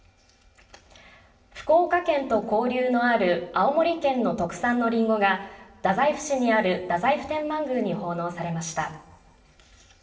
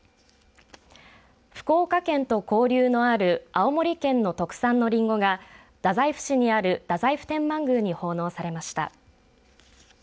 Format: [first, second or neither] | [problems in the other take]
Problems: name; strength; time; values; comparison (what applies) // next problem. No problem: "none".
second | room echo; dies away in 0.8 s